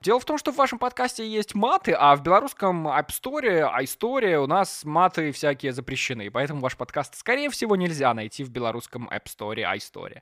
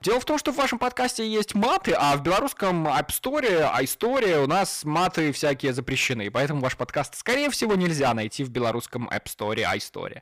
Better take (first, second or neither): first